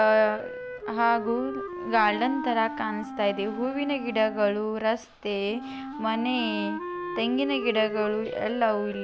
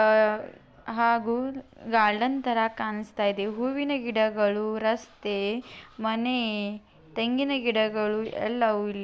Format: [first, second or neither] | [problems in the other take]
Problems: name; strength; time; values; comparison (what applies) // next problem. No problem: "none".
second | background sound (Wind instrument, woodwind instrument); 9 dB below the speech